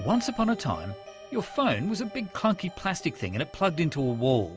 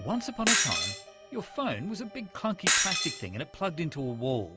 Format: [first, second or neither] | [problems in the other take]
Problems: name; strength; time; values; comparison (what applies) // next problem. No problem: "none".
first | background sound (Shatter); 2 dB above the speech